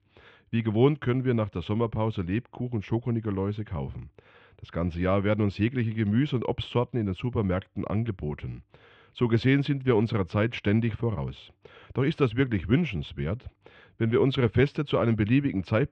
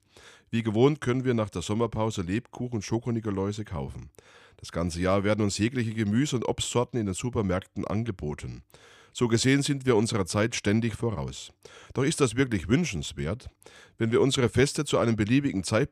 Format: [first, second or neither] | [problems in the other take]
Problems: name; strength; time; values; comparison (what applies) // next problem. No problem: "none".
second | muffled; very; fading above 3 kHz